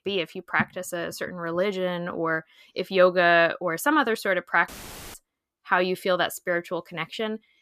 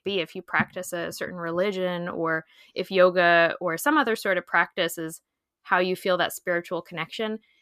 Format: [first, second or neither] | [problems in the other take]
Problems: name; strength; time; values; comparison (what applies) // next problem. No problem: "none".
second | audio cutting out; filled with static; at 4.5 s